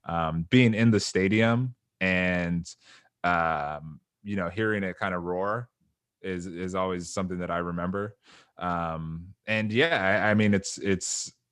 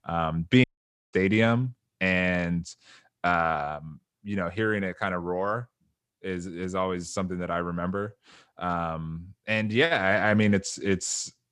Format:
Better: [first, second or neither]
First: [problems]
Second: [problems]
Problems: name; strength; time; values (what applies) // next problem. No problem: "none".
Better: first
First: none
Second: audio cutting out; at 0.5 s